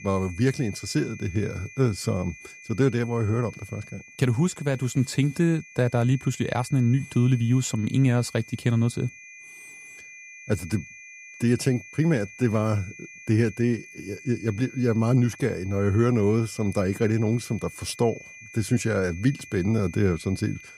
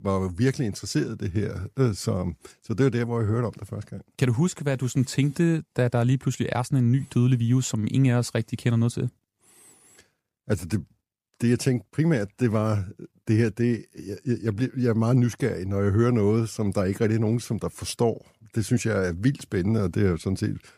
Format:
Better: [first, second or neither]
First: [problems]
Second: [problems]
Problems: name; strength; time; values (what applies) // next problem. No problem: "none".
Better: second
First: high-pitched whine; noticeable; throughout; 2.5 kHz, 20 dB below the speech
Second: none